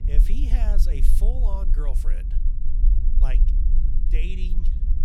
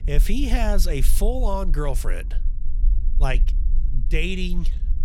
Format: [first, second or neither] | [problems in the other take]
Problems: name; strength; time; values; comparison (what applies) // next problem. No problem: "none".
second | low rumble; loud; throughout; 6 dB below the speech; faint in the second